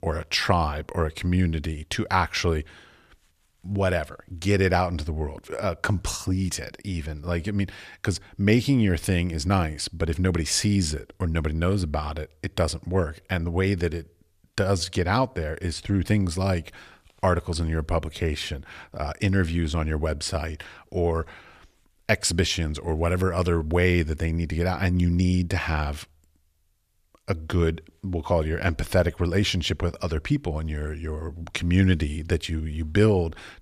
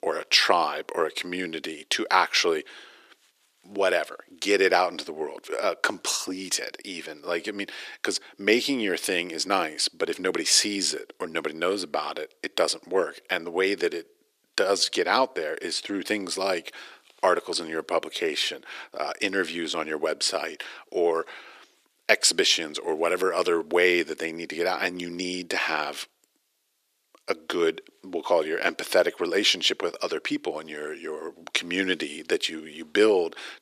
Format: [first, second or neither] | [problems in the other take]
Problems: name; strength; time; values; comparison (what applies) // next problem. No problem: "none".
first | thin; very; fading below 350 Hz